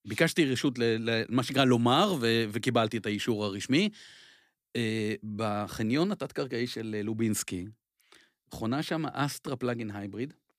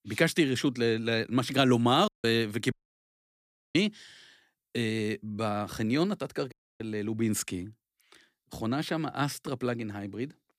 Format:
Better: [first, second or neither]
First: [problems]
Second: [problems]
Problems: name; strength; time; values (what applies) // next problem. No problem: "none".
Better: first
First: none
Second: audio cutting out; at 2 s, at 2.5 s for 1 s and at 6.5 s